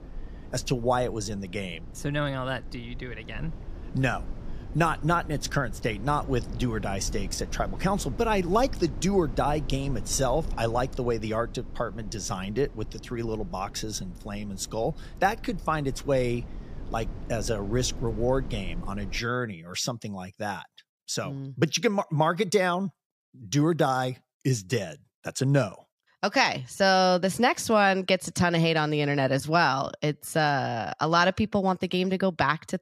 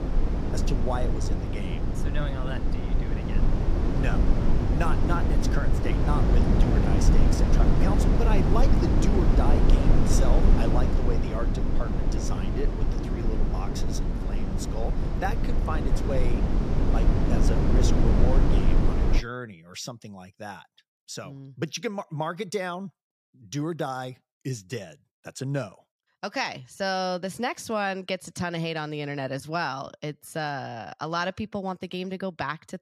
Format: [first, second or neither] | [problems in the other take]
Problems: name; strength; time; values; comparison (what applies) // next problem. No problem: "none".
first | low rumble; loud; until 19 s; 1 dB below the speech; faint in the first